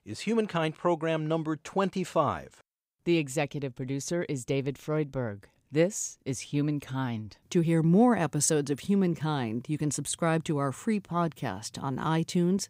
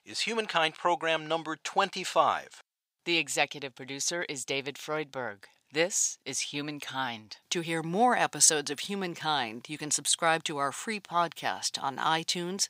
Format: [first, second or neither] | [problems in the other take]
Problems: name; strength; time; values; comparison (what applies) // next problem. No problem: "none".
first | thin; somewhat; fading below 1 kHz